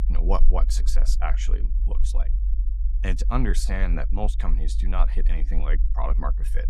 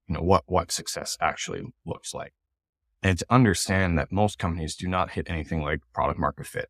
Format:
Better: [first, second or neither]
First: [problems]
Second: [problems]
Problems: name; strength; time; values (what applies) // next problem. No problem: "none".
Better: second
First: low rumble; noticeable; throughout; 15 dB below the speech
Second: none